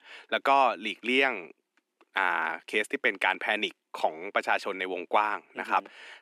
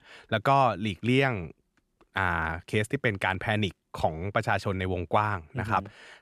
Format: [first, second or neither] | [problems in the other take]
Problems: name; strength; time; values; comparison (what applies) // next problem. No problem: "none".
second | thin; somewhat; fading below 250 Hz